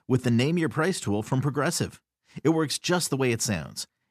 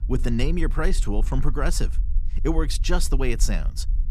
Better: first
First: none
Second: low rumble; faint; throughout; 20 dB below the speech

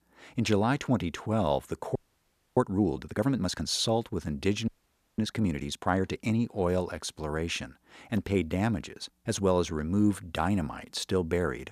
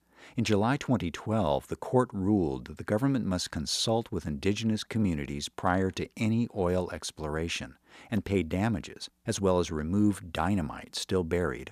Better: second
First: audio freezing; at 2 s for 0.5 s and at 4.5 s for 0.5 s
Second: none

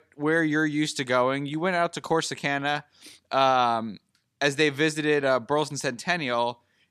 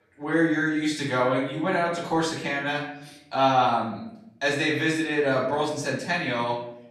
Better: first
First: none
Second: off-mic speech; far // room echo; noticeable; dies away in 0.7 s

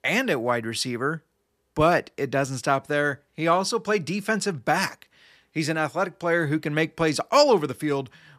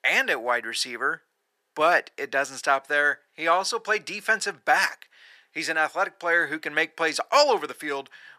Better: first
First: none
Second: thin; very; fading below 500 Hz

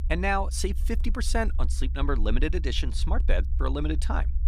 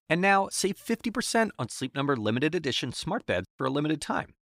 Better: second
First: low rumble; noticeable; throughout; 20 dB below the speech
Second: none

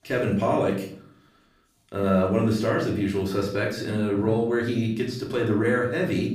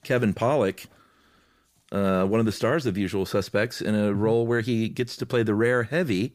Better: second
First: off-mic speech; far // room echo; slight; dies away in 0.5 s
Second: none

